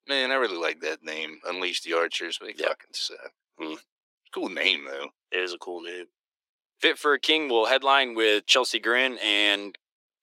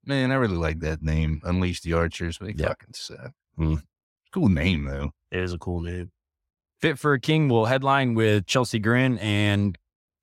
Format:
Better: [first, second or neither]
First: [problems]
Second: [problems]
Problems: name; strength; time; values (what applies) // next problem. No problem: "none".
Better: second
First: thin; very; fading below 350 Hz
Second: none